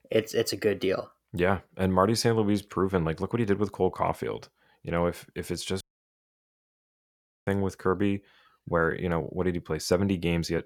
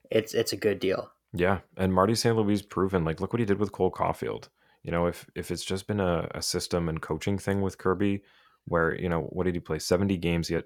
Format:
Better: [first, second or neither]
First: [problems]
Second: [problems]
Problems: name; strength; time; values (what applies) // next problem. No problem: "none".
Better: second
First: audio cutting out; at 6 s for 1.5 s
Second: none